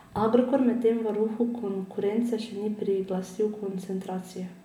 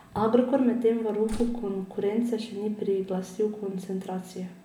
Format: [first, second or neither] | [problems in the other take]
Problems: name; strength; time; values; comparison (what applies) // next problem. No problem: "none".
first | background sound (Slam); 12 dB below the speech